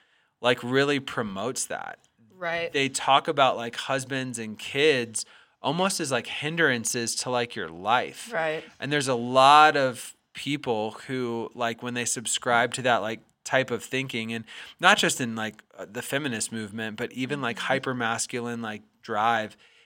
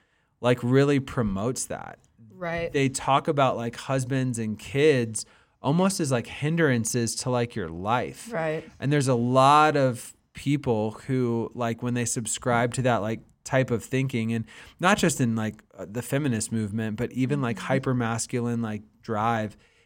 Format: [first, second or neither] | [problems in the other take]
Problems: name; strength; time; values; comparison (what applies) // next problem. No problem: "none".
second | thin; somewhat; fading below 400 Hz